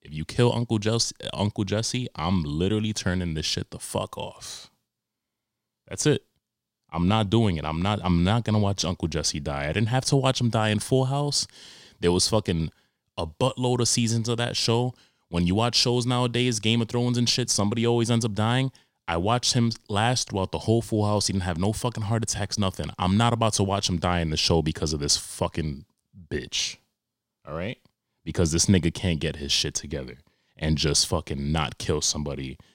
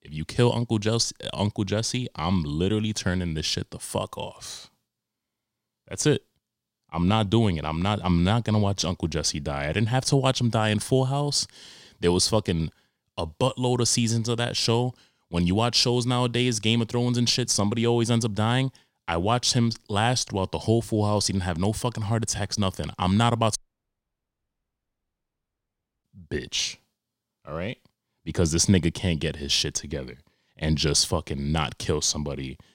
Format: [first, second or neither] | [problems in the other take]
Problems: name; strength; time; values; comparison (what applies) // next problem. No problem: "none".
first | audio cutting out; at 24 s for 2.5 s